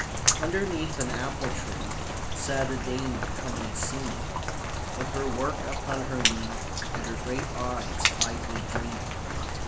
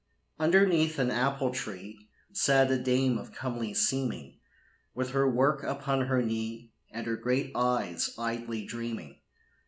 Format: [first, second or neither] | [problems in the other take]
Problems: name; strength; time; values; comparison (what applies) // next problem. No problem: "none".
second | background sound (Rain); 4 dB above the speech